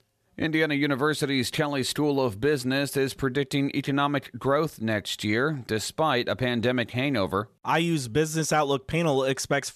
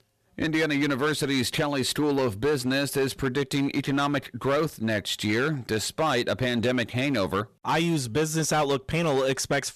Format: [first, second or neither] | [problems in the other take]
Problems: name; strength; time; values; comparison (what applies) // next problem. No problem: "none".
first | distortion; slight; 11% of the sound clipped